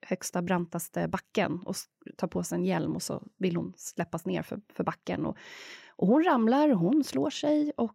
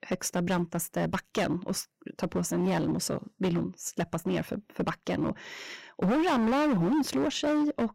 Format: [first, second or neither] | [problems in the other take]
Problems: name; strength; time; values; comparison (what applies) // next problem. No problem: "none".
first | distortion; heavy; 15% of the sound clipped